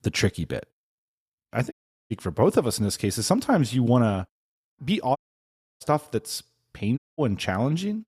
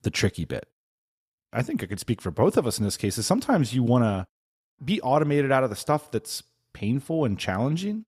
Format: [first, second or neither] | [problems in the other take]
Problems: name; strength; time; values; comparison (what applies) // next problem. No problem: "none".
second | audio cutting out; at 1.5 s, at 5 s for 0.5 s and at 7 s